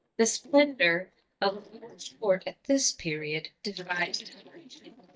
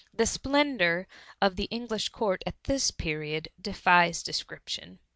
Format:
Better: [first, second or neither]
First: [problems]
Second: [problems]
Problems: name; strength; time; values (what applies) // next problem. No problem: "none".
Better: second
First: noise reduction (neural mask model DeepFilterNet 3)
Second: none